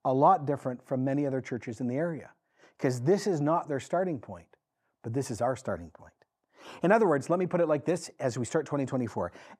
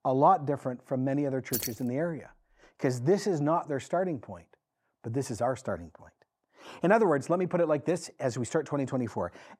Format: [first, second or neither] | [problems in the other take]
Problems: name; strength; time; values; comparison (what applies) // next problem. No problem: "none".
first | jangling keys; noticeable; at 1.5 s; peak 4 dB below the speech